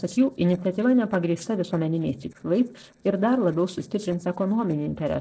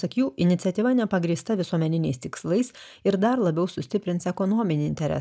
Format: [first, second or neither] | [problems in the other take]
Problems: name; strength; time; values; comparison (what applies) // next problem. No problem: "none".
second | noise reduction (neural separator model SepFormer DNS4)